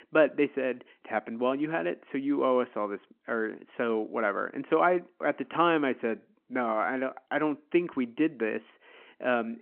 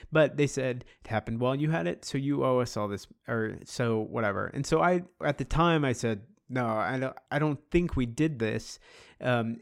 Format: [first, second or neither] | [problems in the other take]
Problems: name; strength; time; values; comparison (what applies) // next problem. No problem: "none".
second | phone-call audio